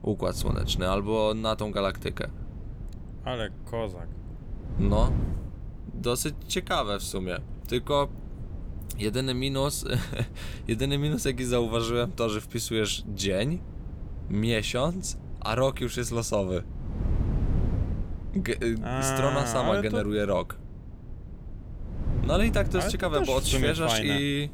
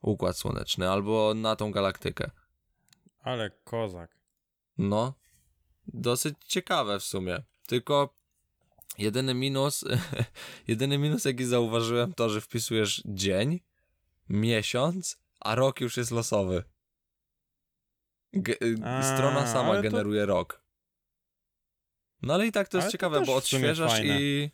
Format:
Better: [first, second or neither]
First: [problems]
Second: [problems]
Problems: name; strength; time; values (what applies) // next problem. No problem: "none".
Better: second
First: wind noise on the microphone; occasional gusts; 20 dB below the speech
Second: none